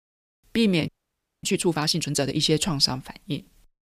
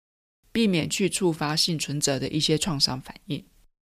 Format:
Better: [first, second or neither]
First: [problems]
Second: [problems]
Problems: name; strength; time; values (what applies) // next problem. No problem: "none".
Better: second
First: audio freezing; at 1 s for 0.5 s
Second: none